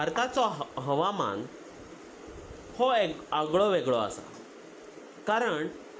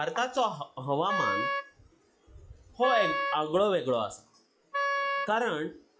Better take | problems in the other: first | noise reduction (classical method log-MMSE)

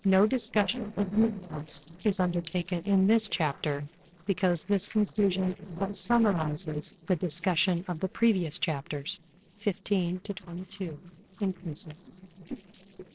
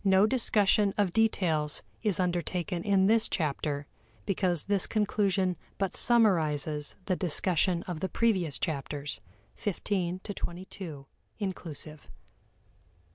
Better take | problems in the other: second | noise reduction (neural separator model SepFormer DNS4)

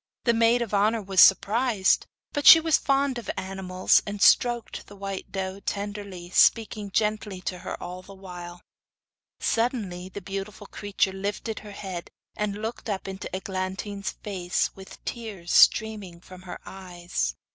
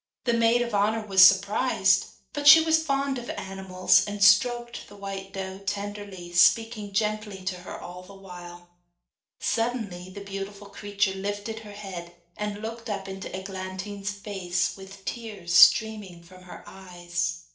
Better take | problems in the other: first | room echo; dies away in 0.4 s

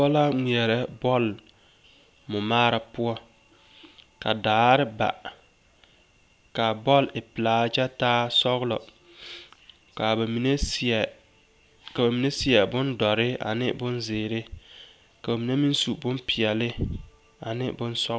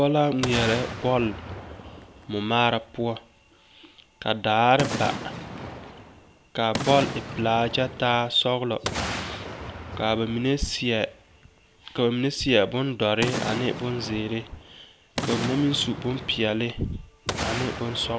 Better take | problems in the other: first | background sound (Boom); 9 dB below the speech

